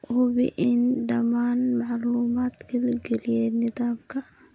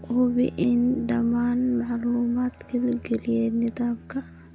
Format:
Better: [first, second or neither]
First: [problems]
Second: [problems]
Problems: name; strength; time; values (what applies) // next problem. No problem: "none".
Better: first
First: none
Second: background sound (Bowed string instrument); 18 dB below the speech